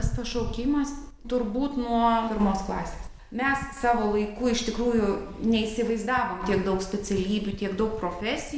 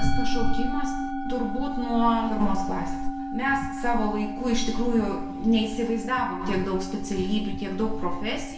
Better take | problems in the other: first | background sound (Musical instrument); 8 dB below the speech // room echo; dies away in 0.2 s

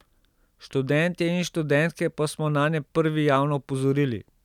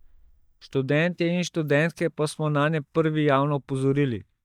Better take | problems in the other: first | noise reduction (neural mask model DeepFilterNet 3)

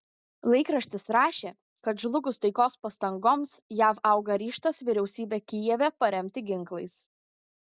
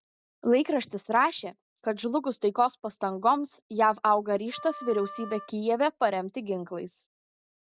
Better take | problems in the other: first | background sound (Wind instrument, woodwind instrument); 16 dB below the speech

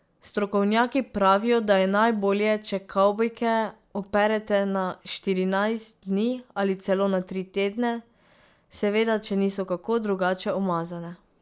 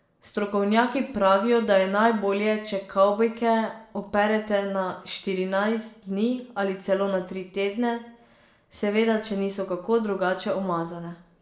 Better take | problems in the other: first | room echo; dies away in 0.5 s

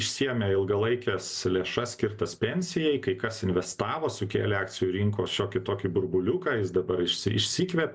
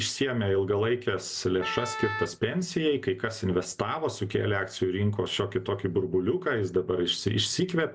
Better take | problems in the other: first | background sound (Wind instrument, woodwind instrument); 8 dB below the speech

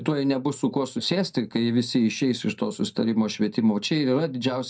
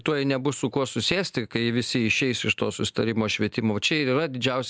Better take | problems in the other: second | noise reduction (neural mask model DeepFilterNet 3)

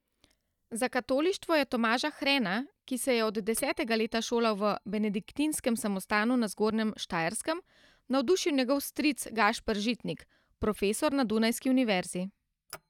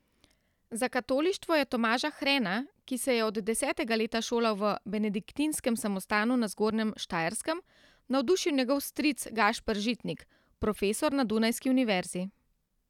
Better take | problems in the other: second | noise reduction (neural mask model DeepFilterNet 3)

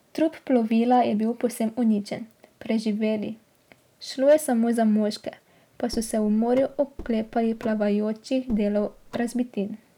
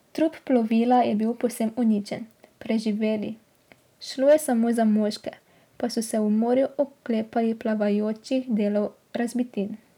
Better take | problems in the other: second | background sound (Car); 19 dB below the speech

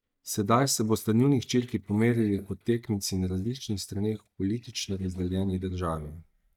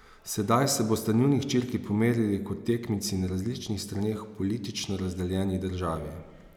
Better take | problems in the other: second | noise reduction (neural mask model DeepFilterNet 3)

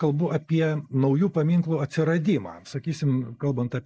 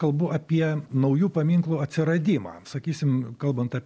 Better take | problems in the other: second | noise reduction (neural mask model Resemble Enhance denoiser)

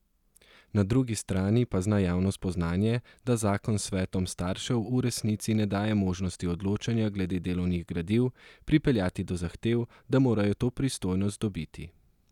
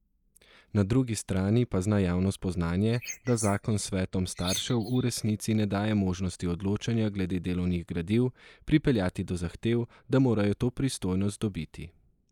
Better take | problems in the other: first | noise reduction (neural mask model Resemble Enhance denoiser)

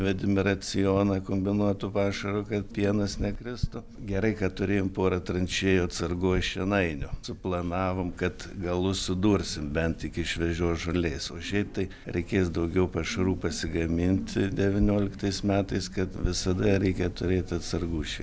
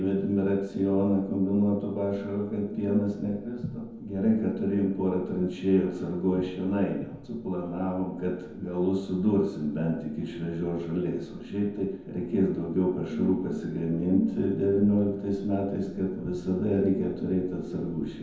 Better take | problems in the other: first | room echo; dies away in 0.9 s

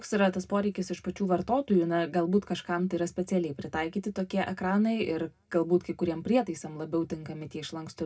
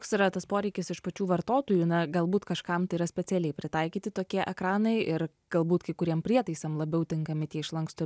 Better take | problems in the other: second | room echo; dies away in 0.2 s

